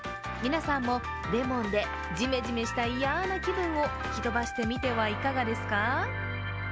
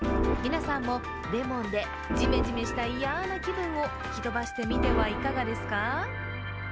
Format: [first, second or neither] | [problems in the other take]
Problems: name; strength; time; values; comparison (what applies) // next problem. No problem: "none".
first | background sound (Organ); 1 dB below the speech